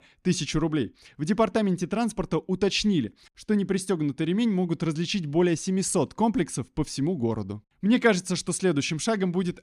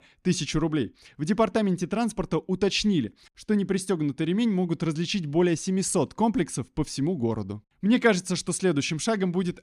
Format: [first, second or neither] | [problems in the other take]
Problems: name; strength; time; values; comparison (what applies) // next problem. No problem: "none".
neither | none